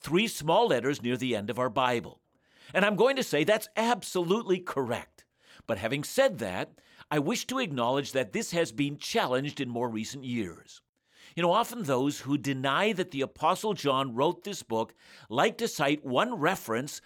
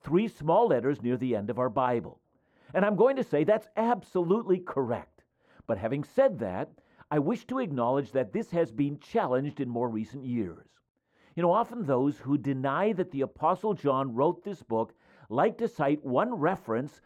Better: first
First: none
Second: muffled; very; fading above 2 kHz

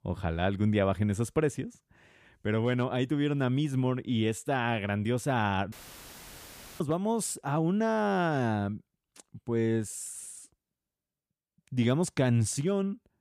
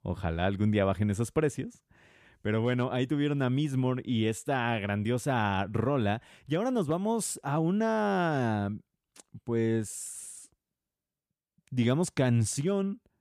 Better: second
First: audio cutting out; filled with static; at 5.5 s for 1 s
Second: none

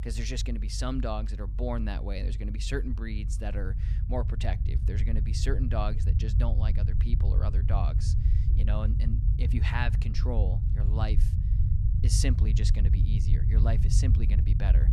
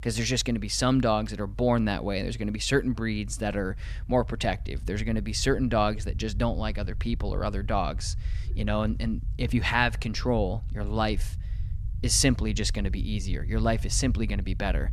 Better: second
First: low rumble; loud; throughout; 6 dB below the speech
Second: low rumble; faint; throughout; 25 dB below the speech

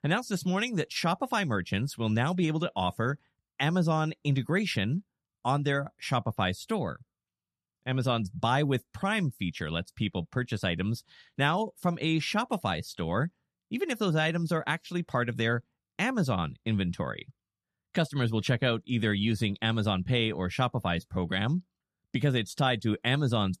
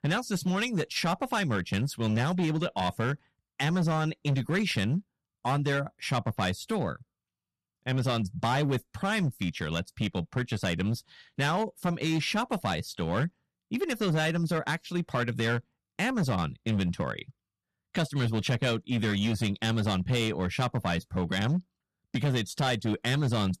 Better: first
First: none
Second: distortion; slight; 9% of the sound clipped

